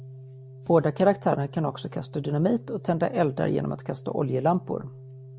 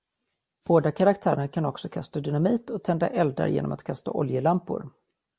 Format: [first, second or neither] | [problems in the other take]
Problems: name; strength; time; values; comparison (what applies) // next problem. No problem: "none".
second | background sound (Organ); 17 dB below the speech